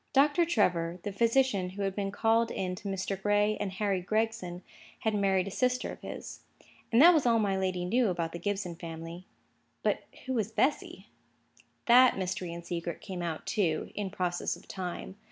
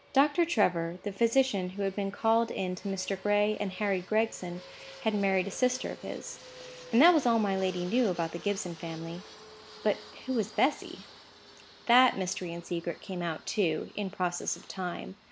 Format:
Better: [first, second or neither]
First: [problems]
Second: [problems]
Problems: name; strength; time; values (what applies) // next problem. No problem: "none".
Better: first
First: none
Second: background sound (Fixed-wing aircraft, airplane); 20 dB below the speech